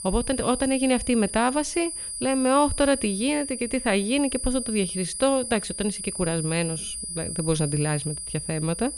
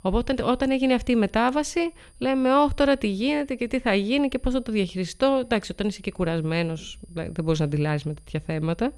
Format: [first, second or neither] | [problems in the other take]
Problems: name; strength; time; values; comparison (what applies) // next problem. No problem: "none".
second | high-pitched whine; loud; throughout; 10 kHz, 6 dB below the speech; faint in the second